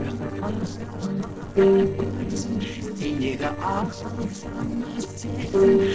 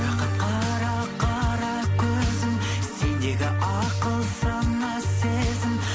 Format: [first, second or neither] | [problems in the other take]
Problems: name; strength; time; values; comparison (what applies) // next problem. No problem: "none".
second | noise reduction (neural separator model SepFormer DNS4)